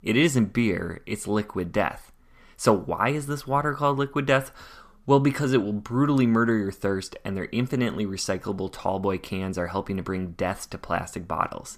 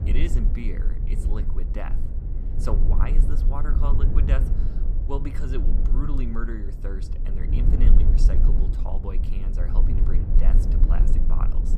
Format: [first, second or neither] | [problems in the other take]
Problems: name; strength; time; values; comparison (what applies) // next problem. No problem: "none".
first | low rumble; loud; throughout; 3 dB below the speech